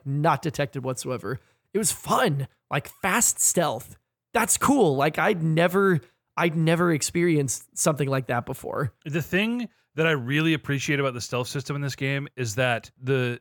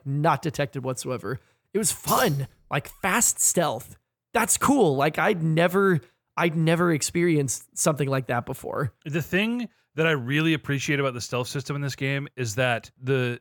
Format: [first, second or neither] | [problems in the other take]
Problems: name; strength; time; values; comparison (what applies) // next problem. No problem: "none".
first | jangling keys; noticeable; at 2 s; peak 6 dB below the speech